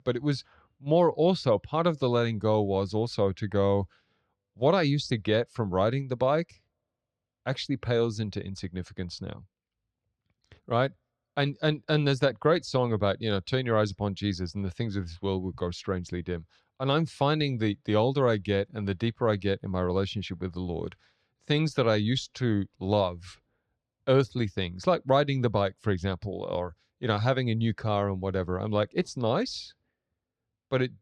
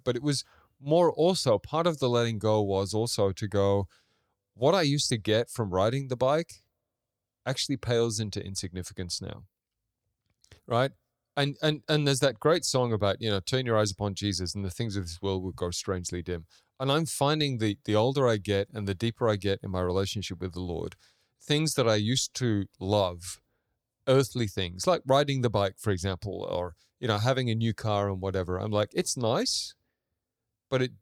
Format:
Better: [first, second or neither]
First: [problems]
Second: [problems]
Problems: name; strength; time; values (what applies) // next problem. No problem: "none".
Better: second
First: muffled; slightly; fading above 3 kHz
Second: none